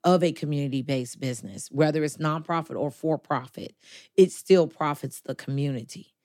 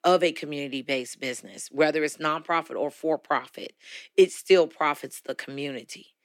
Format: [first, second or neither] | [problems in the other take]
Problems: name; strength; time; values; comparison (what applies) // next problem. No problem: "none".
first | thin; somewhat; fading below 400 Hz